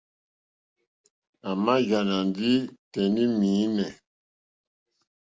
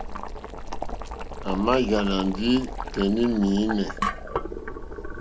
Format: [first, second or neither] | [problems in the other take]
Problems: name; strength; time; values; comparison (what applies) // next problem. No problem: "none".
first | background sound (Boiling); 5 dB below the speech